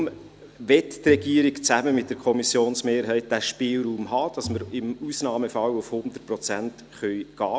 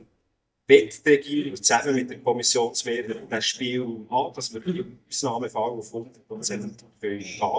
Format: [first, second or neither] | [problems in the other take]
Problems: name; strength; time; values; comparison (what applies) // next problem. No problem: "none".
first | noise reduction (neural mask model DeepFilterNet 3)